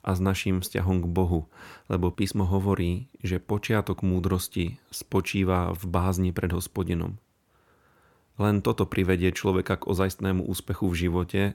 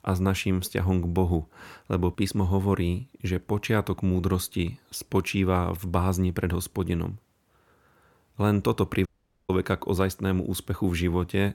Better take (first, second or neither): first